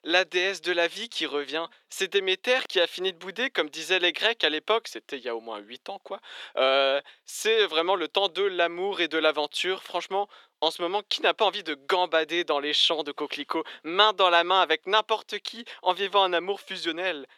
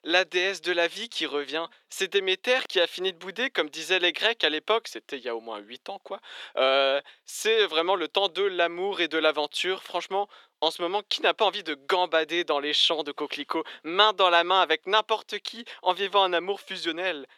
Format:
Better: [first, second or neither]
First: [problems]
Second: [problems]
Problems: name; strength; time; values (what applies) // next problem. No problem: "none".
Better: neither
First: thin; very; fading below 450 Hz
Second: thin; very; fading below 450 Hz